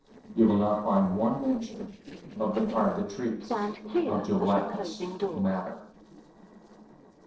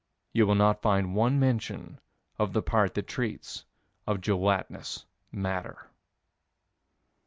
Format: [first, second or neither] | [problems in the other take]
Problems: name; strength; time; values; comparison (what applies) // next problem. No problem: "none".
second | noise reduction (neural separator model SepFormer DNS4)